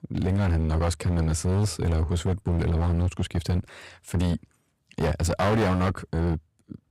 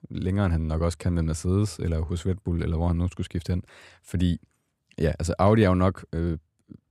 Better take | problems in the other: second | distortion; heavy; 18% of the sound clipped

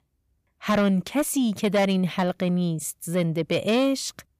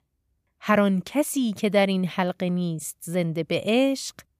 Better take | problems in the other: second | distortion; slight; 10 dB below the speech

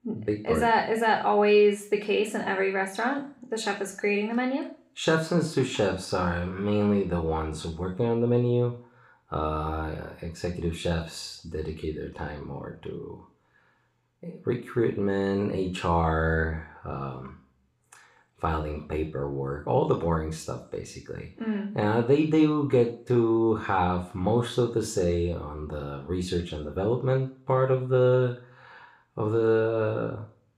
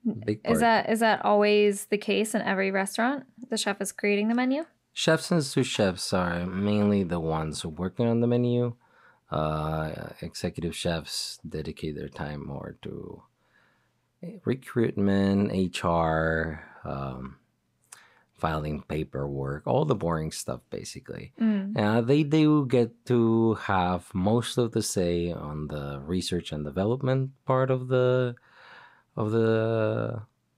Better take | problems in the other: second | room echo; slight; dies away in 0.4 s // off-mic speech; somewhat distant

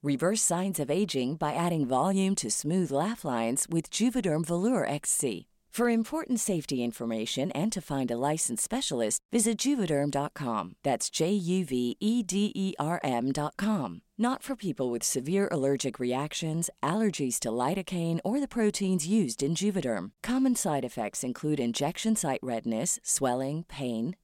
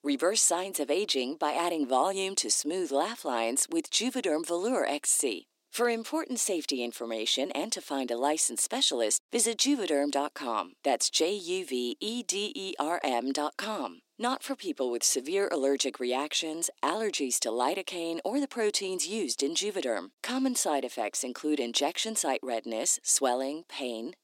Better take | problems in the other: first | thin; somewhat; fading below 300 Hz

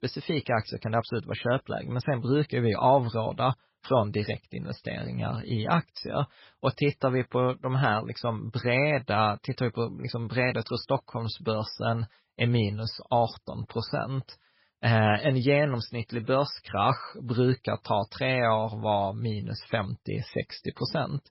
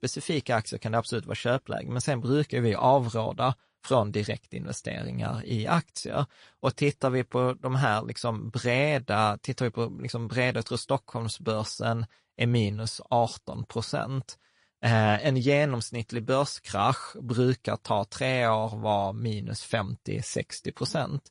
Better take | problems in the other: second | garbled, watery; badly; nothing above 5.5 kHz; slightly in the second

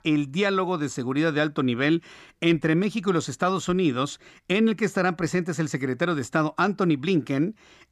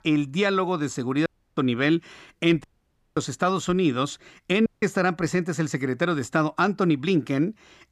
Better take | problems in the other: first | audio cutting out; at 1.5 s, at 2.5 s for 0.5 s and at 4.5 s

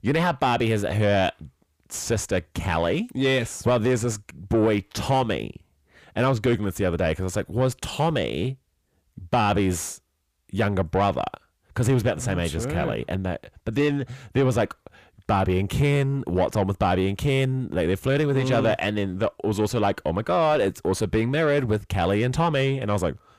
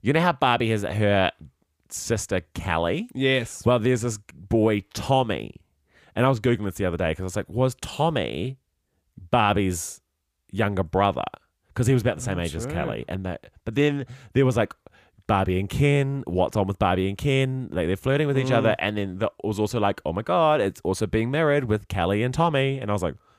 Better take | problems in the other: second | distortion; slight; 10 dB below the speech

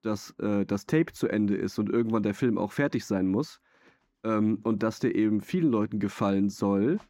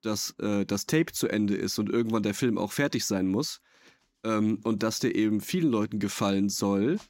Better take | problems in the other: second | muffled; slightly; fading above 3 kHz

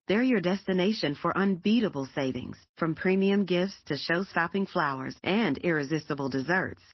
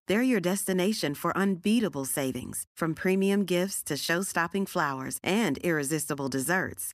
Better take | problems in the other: second | garbled, watery; slightly; nothing above 5.5 kHz

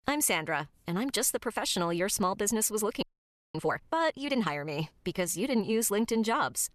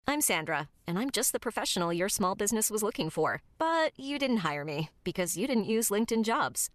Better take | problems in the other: second | audio freezing; at 3 s for 0.5 s

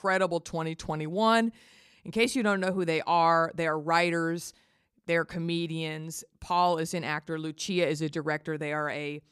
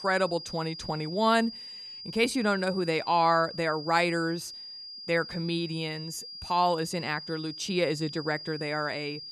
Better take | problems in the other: first | high-pitched whine; noticeable; throughout; 5 kHz, 10 dB below the speech

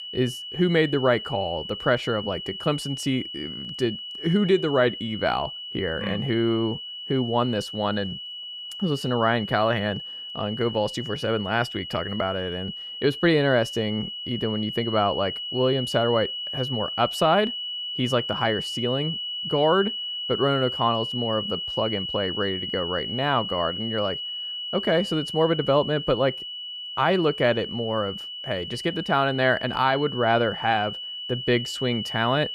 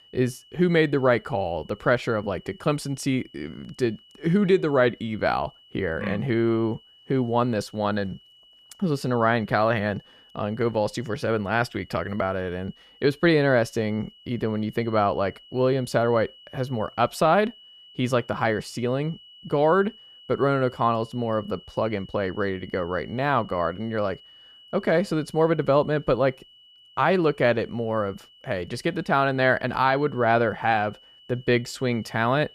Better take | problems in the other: second | high-pitched whine; loud; throughout; 3 kHz, 6 dB below the speech; faint in the second

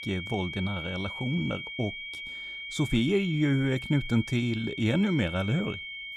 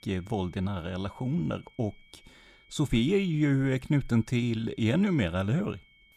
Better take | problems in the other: second | high-pitched whine; loud; throughout; 2 kHz, 8 dB below the speech; faint in the second

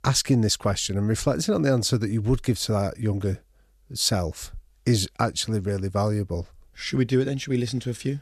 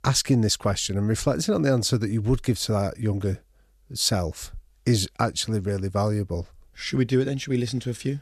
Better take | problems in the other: neither | none

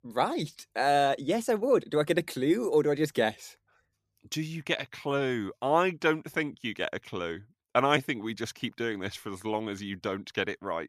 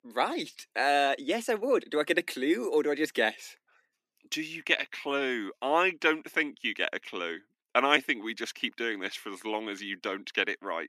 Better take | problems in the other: first | thin; very slightly; fading below 250 Hz

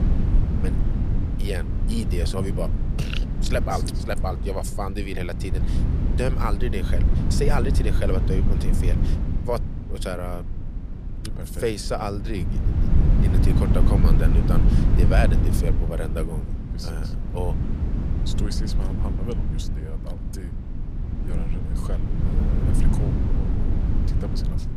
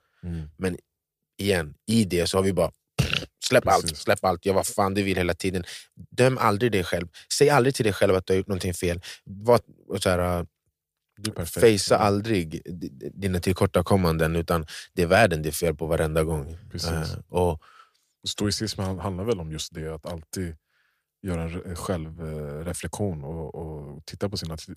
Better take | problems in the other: second | low rumble; loud; throughout; 4 dB below the speech

